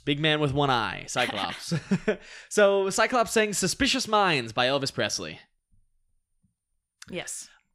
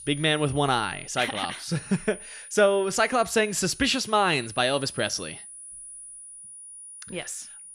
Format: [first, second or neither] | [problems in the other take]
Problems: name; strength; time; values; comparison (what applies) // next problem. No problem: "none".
first | high-pitched whine; noticeable; throughout; 10 kHz, 15 dB below the speech